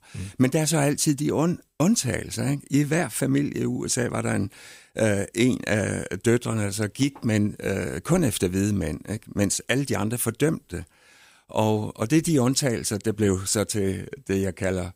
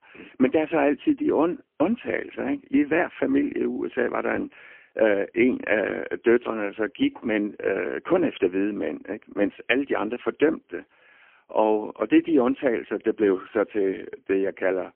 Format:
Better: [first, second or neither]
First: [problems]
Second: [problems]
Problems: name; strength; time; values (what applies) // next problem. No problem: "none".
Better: first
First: none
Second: phone-call audio; poor line; nothing above 3 kHz